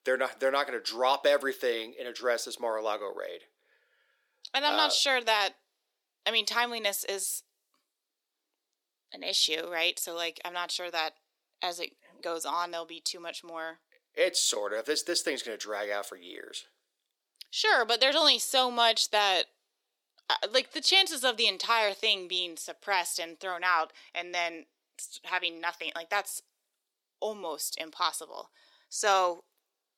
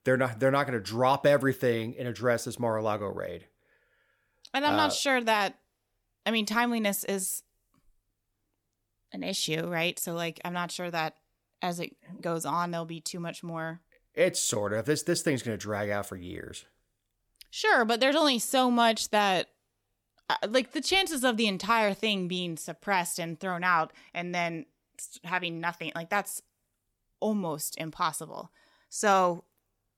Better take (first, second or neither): second